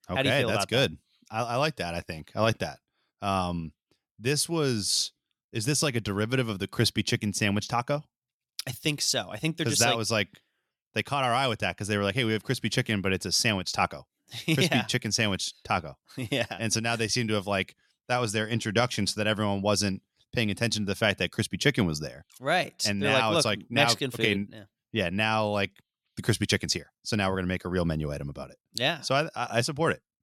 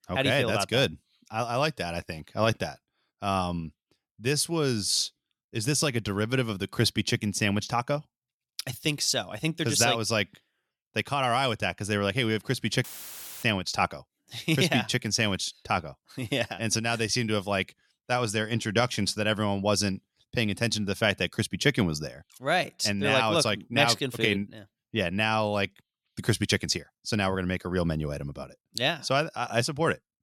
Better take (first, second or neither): first